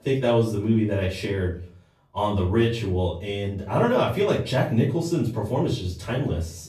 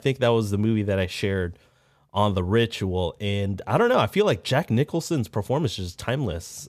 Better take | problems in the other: second | off-mic speech; far // room echo; slight; dies away in 0.4 s

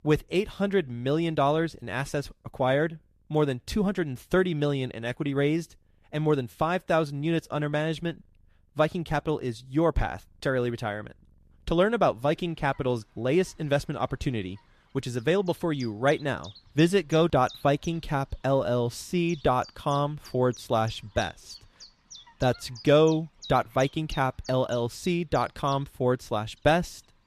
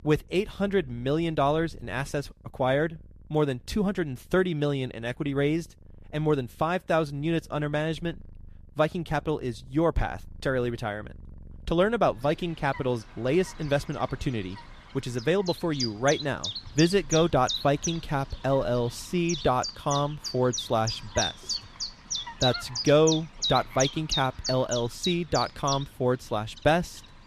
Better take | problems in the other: first | animal sounds; loud; throughout; 5 dB below the speech; faint in the first

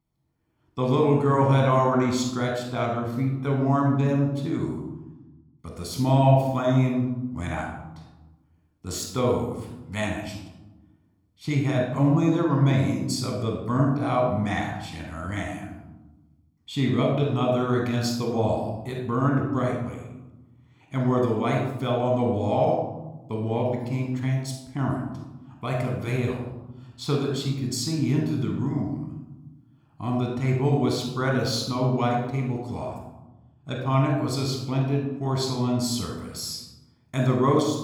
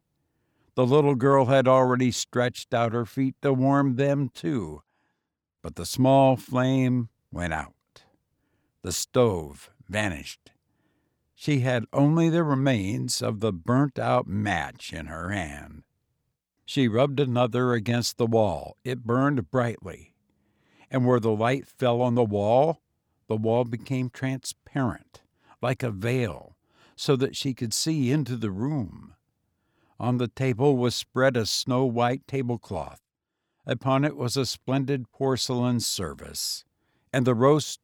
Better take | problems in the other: second | off-mic speech; somewhat distant // room echo; noticeable; dies away in 0.9 s

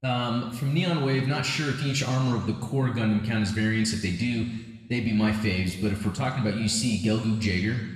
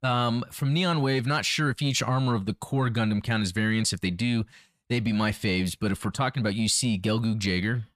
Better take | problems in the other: second | room echo; noticeable; dies away in 1.2 s // off-mic speech; somewhat distant

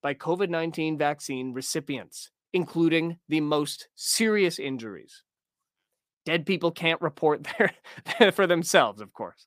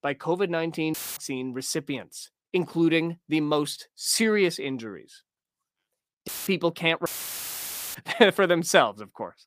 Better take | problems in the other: first | audio cutting out; filled with static; at 1 s, at 6.5 s and at 7 s for 1 s

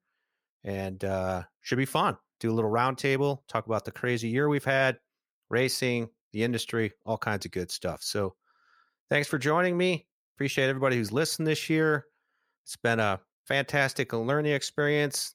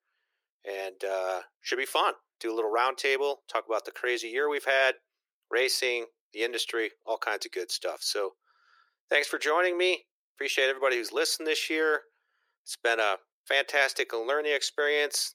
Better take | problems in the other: first | thin; very; fading below 350 Hz

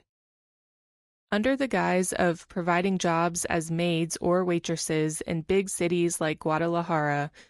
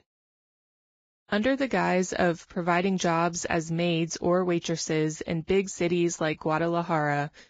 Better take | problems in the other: first | garbled, watery; badly; nothing above 7.5 kHz; slightly in the first

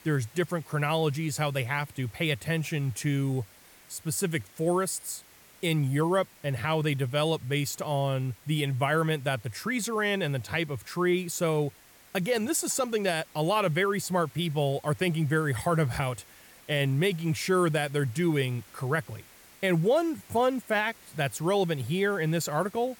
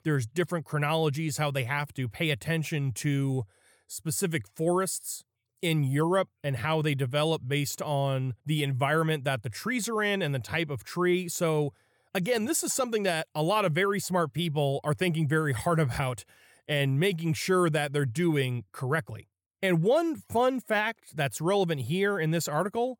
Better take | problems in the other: second | hiss; faint; throughout; 25 dB below the speech

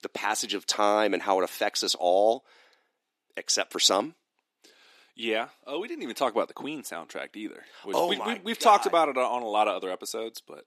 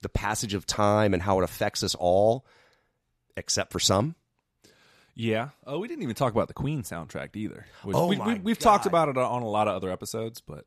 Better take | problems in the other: second | thin; somewhat; fading below 300 Hz

